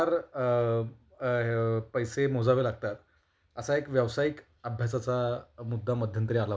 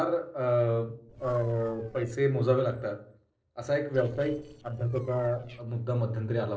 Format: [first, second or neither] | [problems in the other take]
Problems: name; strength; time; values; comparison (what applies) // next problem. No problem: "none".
first | noise reduction (neural separator model SepFormer DNS4)